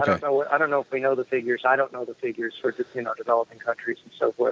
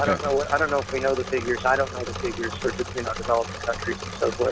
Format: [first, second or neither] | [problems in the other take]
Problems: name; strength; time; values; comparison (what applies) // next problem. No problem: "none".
first | background sound (Engine / Mechanisms); 8 dB below the speech